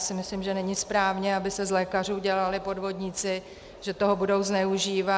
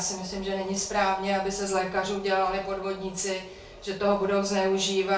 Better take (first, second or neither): first